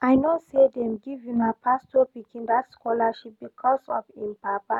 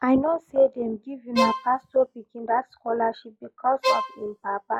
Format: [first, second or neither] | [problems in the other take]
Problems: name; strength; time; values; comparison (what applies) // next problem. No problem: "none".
first | noise reduction (classical method log-MMSE)